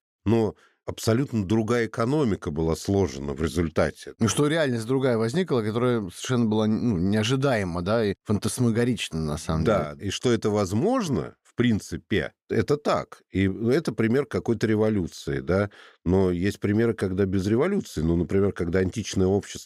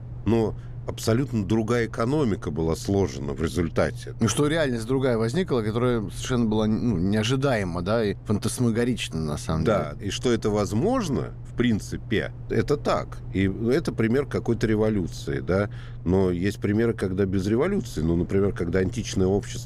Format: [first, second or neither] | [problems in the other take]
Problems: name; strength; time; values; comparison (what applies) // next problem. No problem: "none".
first | low rumble; faint; throughout; 25 dB below the speech